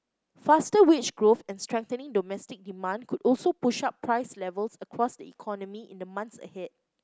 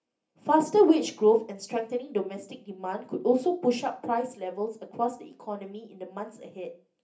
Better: first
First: none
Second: room echo; dies away in 0.3 s

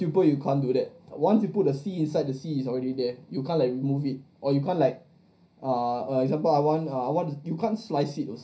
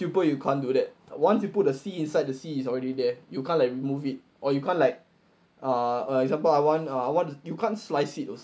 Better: second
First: room echo; dies away in 0.4 s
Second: none

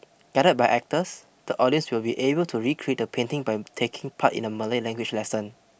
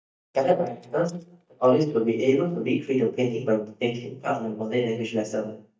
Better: first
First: none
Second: noise reduction (neural mask model DeepFilterNet 3)

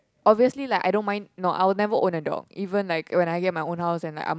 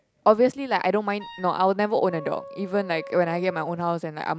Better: first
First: none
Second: background sound (Wind instrument, woodwind instrument + Wind instrument, woodwind instrument); 17 dB below the speech

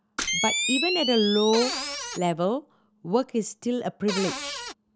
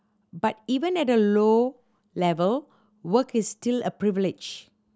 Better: second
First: background sound (Cupboard open or close + Camera); 4 dB below the speech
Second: none

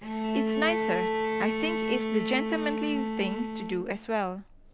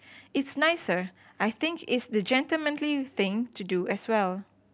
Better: second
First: background sound (Bowed string instrument); 1 dB above the speech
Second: none

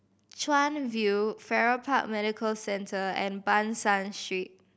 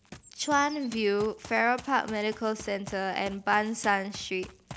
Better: first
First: none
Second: background sound (Bird + Run); 18 dB below the speech

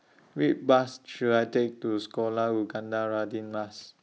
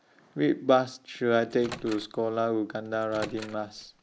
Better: first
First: none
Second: background sound (Microwave oven); 17 dB below the speech

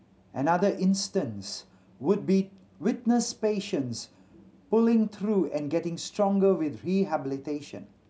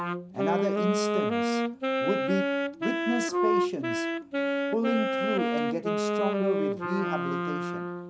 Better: first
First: none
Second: background sound (Wind instrument, woodwind instrument); 4 dB above the speech

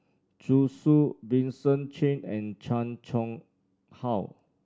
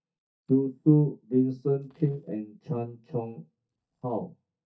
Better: first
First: none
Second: noise reduction (neural mask model DeepFilterNet 3)

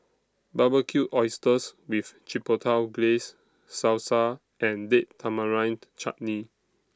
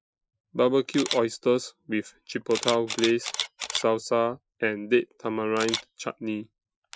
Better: first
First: none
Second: noise reduction (classical method Wiener filter)

